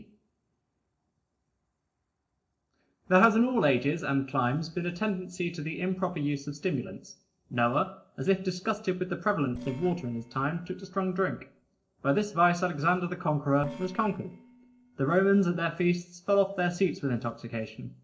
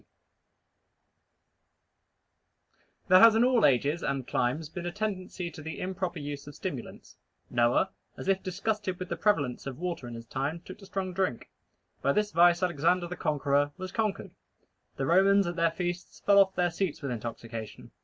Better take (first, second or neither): second